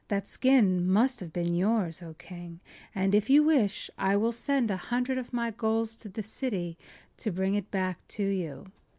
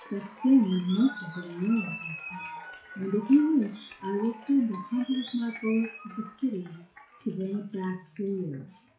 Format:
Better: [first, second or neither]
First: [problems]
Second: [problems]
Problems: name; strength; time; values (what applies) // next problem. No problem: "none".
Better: first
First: none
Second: noise reduction (classical method WPE with log-MMSE)